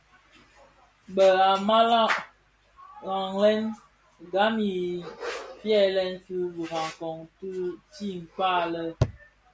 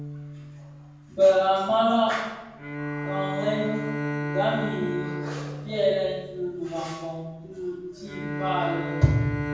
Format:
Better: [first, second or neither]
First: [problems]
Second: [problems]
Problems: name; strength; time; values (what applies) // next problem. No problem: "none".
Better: first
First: none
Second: background sound (Bowed string instrument); 7 dB below the speech // room echo; dies away in 1.2 s